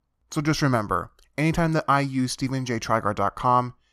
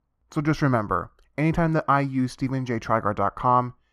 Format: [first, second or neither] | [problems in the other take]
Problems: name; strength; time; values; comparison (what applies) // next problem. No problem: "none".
first | muffled; slightly; fading above 3 kHz